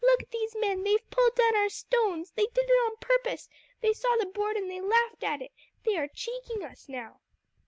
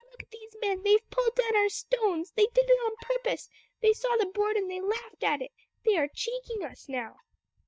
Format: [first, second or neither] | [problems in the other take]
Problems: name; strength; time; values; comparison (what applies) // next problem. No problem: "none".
first | noise reduction (neural mask model DeepFilterNet 3)